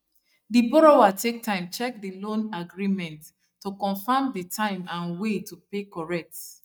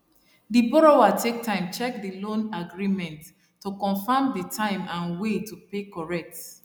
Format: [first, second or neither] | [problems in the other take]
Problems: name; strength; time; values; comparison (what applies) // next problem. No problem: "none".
second | noise reduction (neural mask model DeepFilterNet 3)